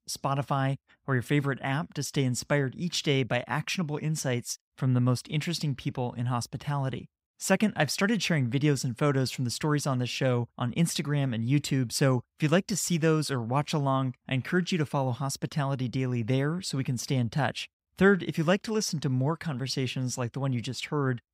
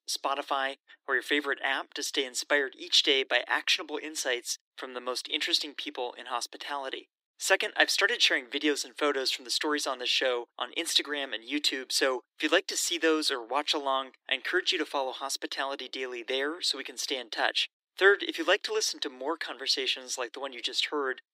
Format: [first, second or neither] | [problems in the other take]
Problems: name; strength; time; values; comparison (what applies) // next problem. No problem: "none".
first | thin; very; fading below 300 Hz